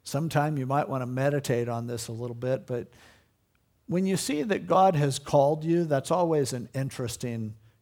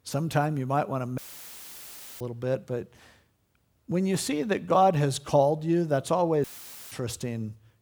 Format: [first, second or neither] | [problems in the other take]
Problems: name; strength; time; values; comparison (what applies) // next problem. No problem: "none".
first | audio cutting out; filled with static; at 1 s for 1 s and at 6.5 s